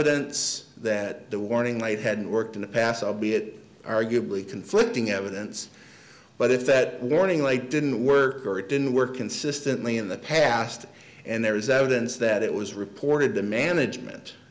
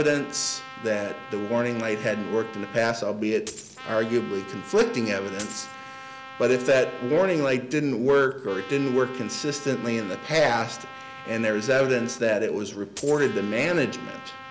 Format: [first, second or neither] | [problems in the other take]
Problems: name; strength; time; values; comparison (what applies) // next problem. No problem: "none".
first | background sound (Trumpet + Coin (dropping)); 16 dB below the speech